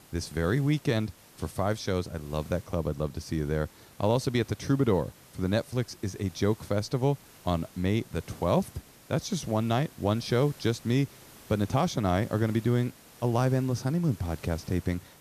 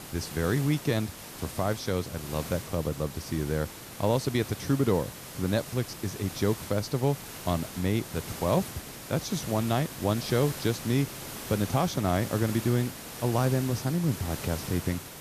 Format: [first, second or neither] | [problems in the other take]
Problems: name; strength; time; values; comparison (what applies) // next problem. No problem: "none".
first | hiss; loud; throughout; 10 dB below the speech; faint in the first